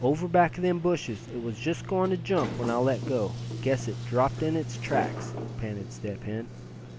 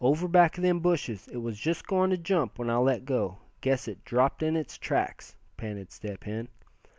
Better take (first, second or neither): second